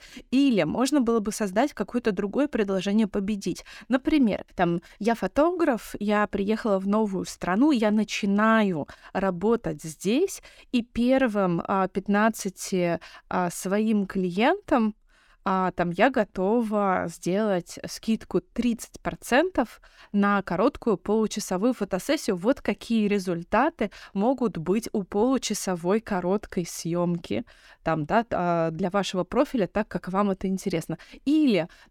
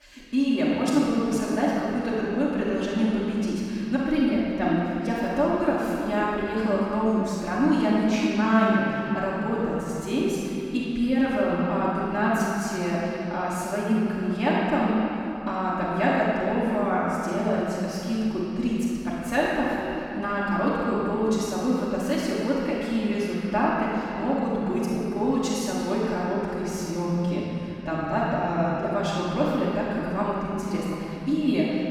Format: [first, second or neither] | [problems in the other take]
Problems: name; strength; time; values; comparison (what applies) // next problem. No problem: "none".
first | room echo; strong; dies away in 3 s // off-mic speech; far